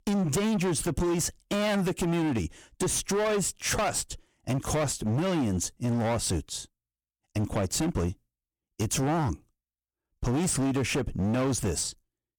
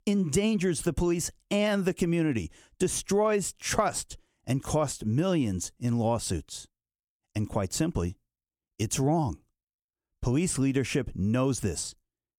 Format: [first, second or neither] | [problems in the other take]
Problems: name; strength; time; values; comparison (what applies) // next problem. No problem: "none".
second | distortion; heavy; 21% of the sound clipped